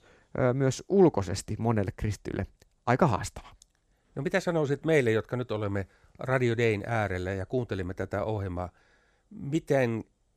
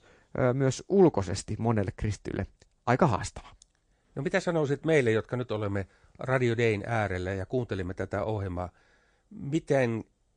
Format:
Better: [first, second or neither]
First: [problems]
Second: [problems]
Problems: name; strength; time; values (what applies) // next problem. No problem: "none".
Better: first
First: none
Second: garbled, watery; slightly; nothing above 9 kHz